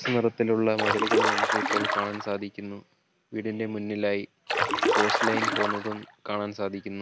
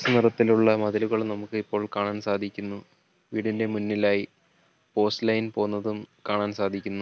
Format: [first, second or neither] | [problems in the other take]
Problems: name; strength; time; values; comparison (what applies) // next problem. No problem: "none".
second | background sound (Stream); 3 dB above the speech